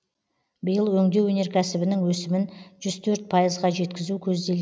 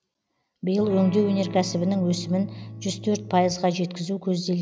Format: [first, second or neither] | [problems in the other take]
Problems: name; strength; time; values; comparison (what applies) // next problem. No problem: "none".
first | background sound (Electric guitar / Strum); 13 dB below the speech